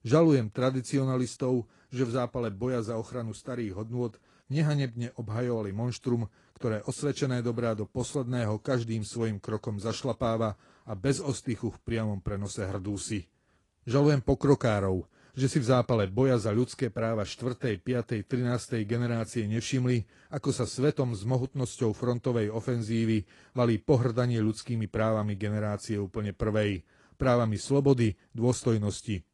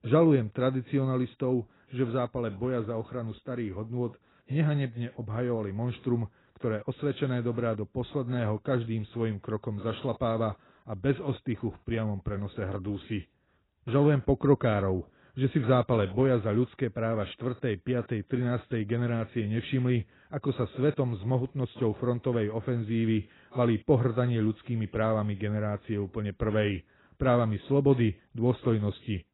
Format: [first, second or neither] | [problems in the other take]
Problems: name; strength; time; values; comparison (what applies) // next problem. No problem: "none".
first | garbled, watery; badly; nothing above 4 kHz; slightly in the first